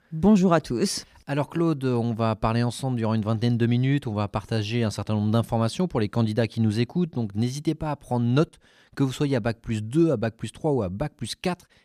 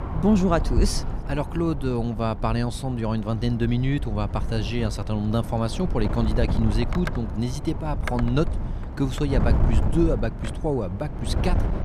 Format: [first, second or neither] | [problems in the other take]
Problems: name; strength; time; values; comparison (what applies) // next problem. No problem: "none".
first | wind noise on the microphone; heavy; 8 dB below the speech